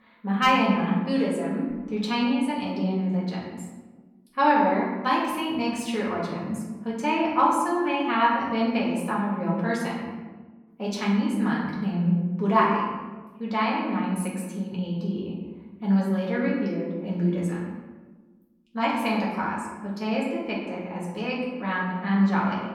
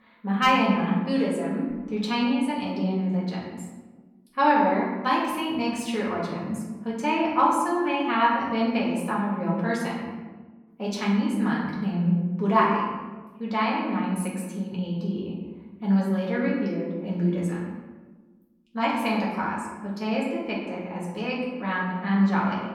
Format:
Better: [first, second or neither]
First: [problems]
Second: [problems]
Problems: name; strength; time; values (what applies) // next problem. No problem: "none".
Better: neither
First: room echo; noticeable; dies away in 1.1 s // off-mic speech; far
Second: room echo; noticeable; dies away in 1.1 s // off-mic speech; far